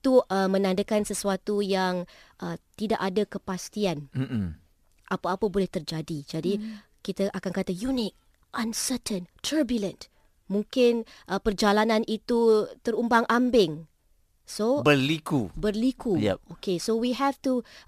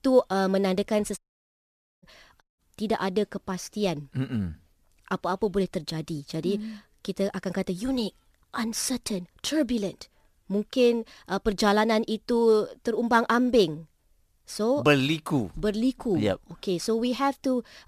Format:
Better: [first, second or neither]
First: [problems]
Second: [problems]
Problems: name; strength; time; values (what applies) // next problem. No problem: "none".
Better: first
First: none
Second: audio cutting out; at 1 s for 1 s and at 2.5 s